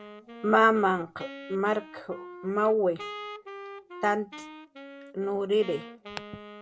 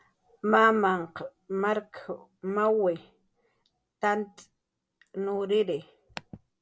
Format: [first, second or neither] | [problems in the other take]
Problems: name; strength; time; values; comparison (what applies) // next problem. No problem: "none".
second | background sound (Wind instrument, woodwind instrument); 15 dB below the speech